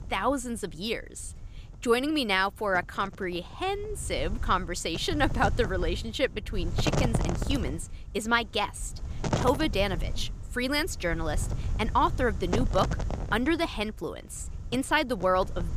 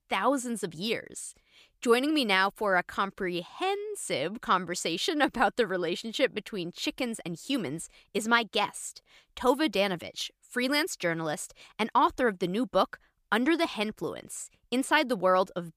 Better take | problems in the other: second | wind noise on the microphone; occasional gusts; 10 dB below the speech

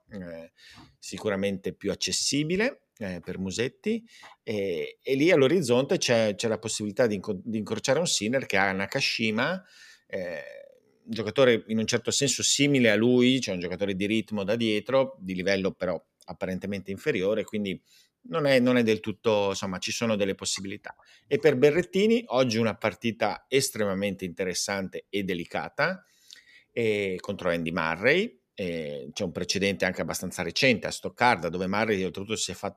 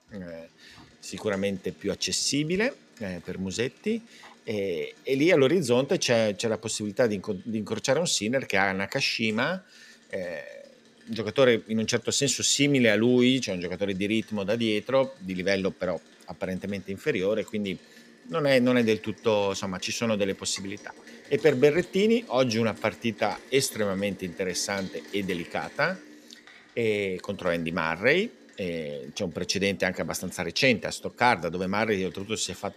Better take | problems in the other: first | rain or running water; faint; throughout; 25 dB below the speech

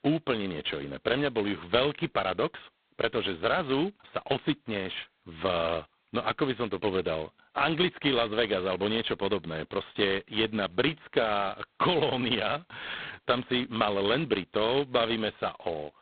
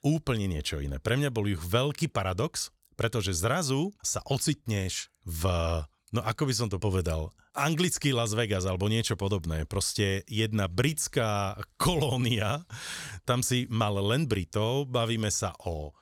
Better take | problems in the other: second | phone-call audio; poor line

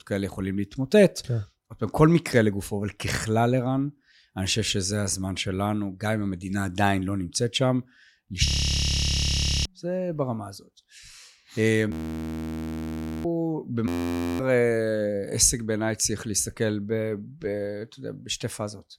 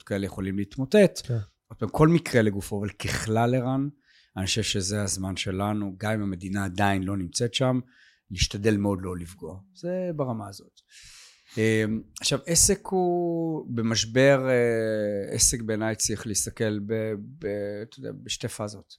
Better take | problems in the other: second | audio freezing; at 8.5 s for 1 s, at 12 s for 1.5 s and at 14 s for 0.5 s

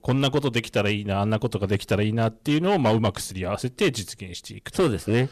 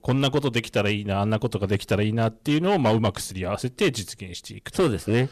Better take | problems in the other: neither | distortion; slight; 6% of the sound clipped; the same in both

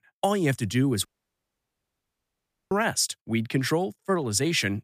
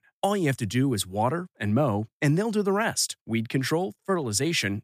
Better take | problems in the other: second | audio cutting out; at 1 s for 1.5 s

